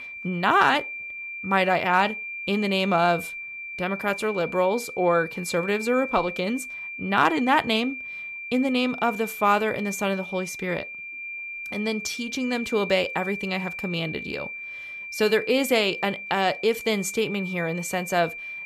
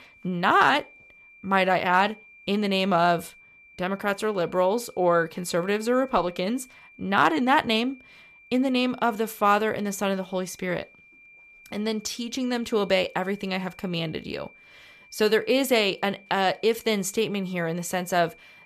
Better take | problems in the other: second | high-pitched whine; loud; throughout; 2.5 kHz, 9 dB below the speech; faint in the second

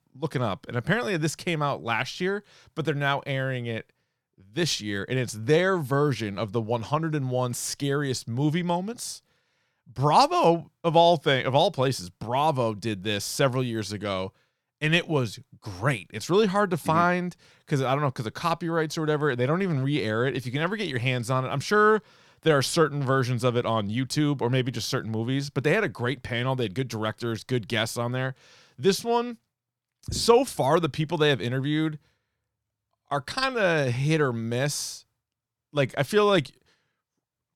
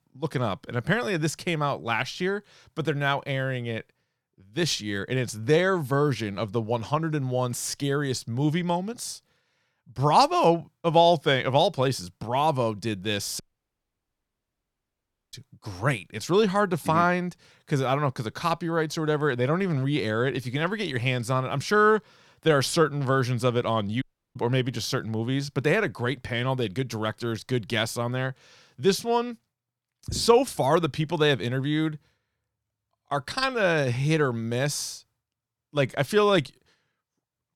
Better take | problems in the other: first | audio cutting out; at 13 s for 2 s and at 24 s

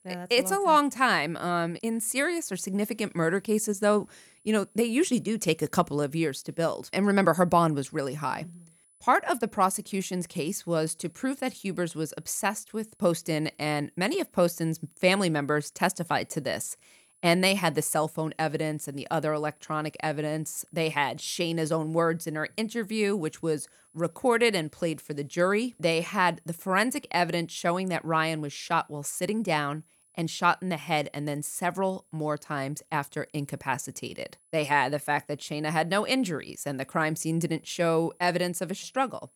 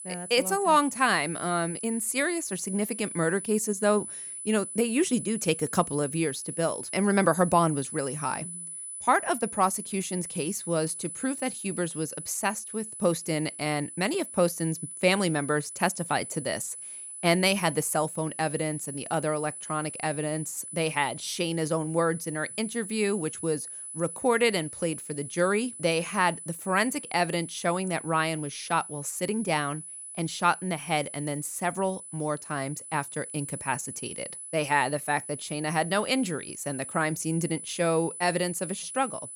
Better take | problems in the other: first | high-pitched whine; loud; throughout; 10 kHz, 9 dB below the speech; faint in the first

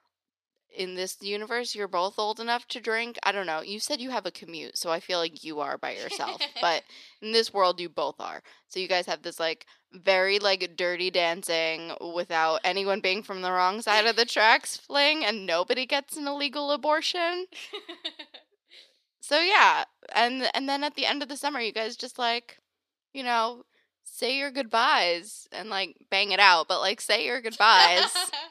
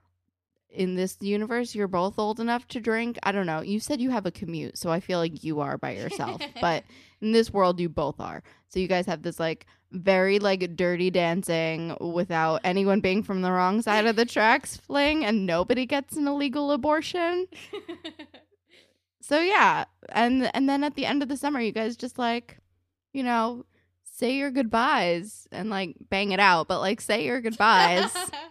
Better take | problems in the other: second | thin; somewhat; fading below 500 Hz

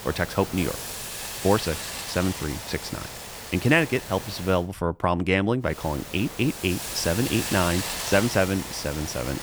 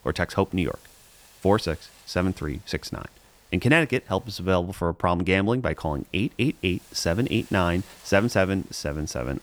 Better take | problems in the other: second | hiss; loud; until 4.5 s and from 5.5 s on; 7 dB below the speech; faint in the second

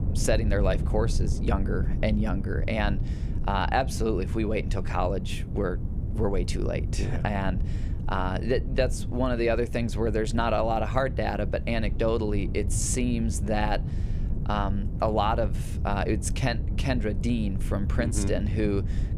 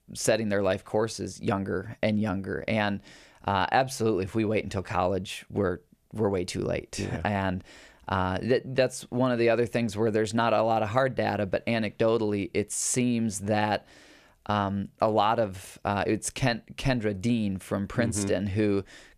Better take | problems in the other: second | wind noise on the microphone; occasional gusts; 15 dB below the speech

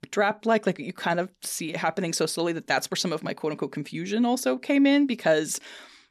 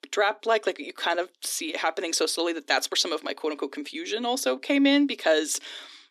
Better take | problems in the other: first | thin; very slightly; fading below 300 Hz

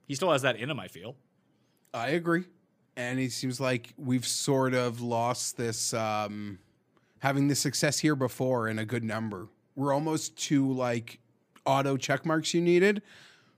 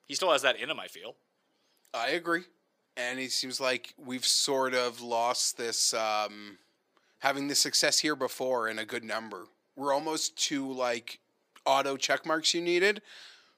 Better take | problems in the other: first | thin; somewhat; fading below 450 Hz

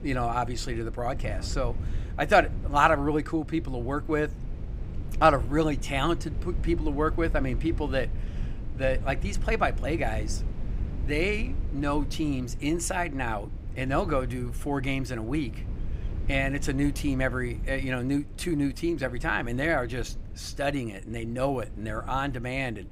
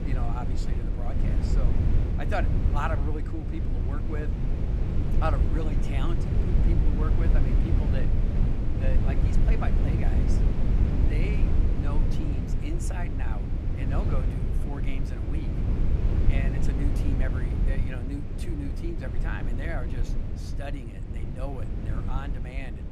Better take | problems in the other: first | low rumble; loud; throughout; 1 dB below the speech; faint in the first

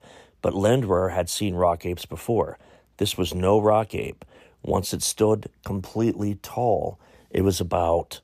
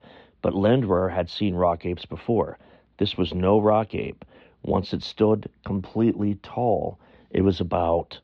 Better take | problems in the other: first | muffled; slightly; fading above 4 kHz

